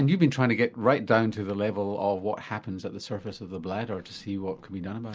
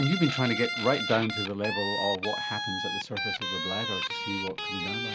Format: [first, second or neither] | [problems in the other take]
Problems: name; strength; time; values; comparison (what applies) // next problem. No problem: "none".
first | background sound (Guitar); 2 dB below the speech